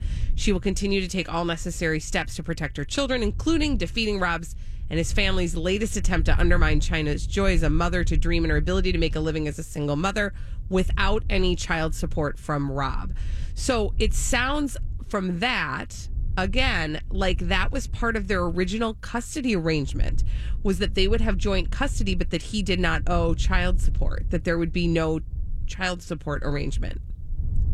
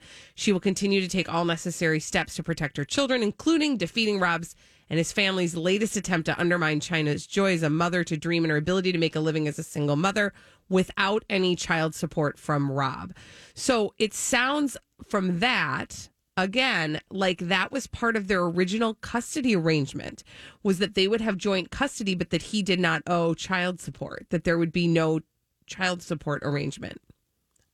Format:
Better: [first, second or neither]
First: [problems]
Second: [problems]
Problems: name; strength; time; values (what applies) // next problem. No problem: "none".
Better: second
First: low rumble; faint; throughout; 25 dB below the speech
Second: none